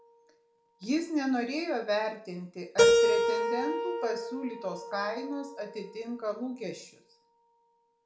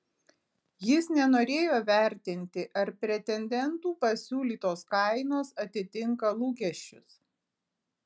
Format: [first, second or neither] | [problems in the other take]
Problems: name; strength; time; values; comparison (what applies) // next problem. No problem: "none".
second | background sound (Keyboard (musical)); 3 dB above the speech // room echo; dies away in 0.4 s